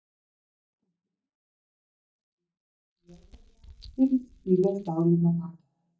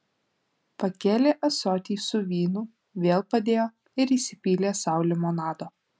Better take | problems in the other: second | noise reduction (neural mask model DeepFilterNet 3)

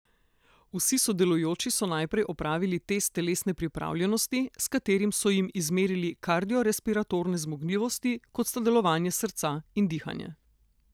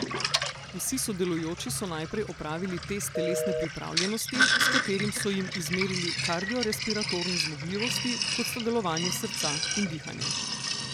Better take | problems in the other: first | background sound (Sink (filling or washing) + Telephone); 1 dB above the speech

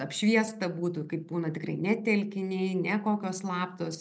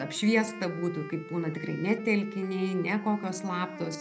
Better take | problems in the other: first | background sound (Wind instrument, woodwind instrument); 14 dB below the speech

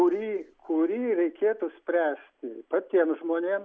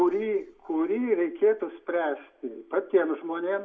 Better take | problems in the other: first | room echo; dies away in 0.4 s

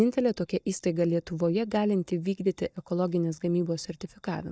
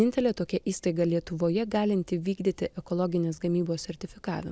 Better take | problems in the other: second | noise reduction (neural mask model DeepFilterNet 3)

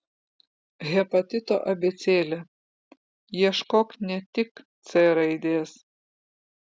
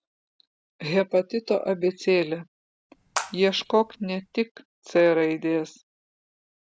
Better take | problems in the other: first | background sound (Water / Splash, splatter); 11 dB below the speech

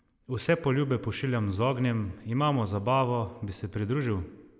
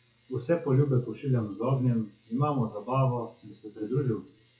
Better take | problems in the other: first | noise reduction (classical method WPE with log-MMSE)

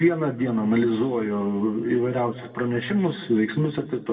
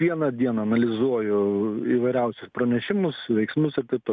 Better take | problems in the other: second | room echo; dies away in 1.2 s

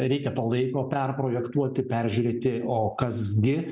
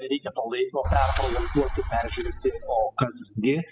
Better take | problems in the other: first | noise reduction (classical method spectral subtraction)

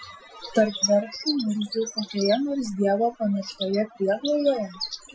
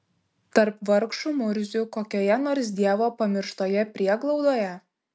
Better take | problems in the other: second | noise reduction (classical method Wiener filter)

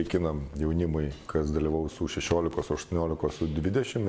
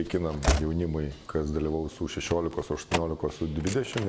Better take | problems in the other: first | background sound (Slam / Train); 5 dB below the speech

